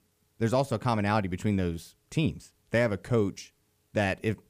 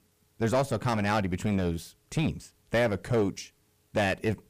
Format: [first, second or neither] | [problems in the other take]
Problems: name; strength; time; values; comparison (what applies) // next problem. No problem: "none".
first | distortion; heavy; 7% of the sound clipped